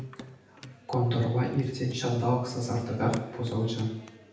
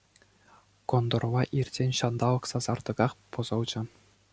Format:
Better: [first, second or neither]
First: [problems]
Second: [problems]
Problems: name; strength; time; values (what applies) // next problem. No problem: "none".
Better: second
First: background sound (Hands / Wood); 16 dB below the speech // room echo; dies away in 0.8 s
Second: none